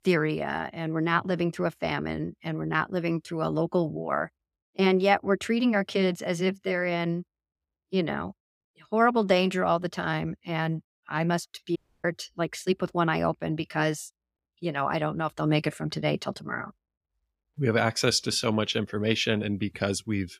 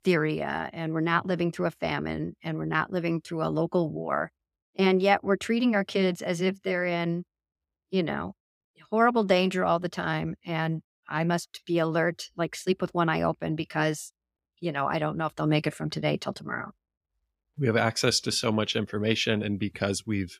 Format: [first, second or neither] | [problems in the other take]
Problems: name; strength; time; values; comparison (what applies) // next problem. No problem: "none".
second | audio cutting out; at 12 s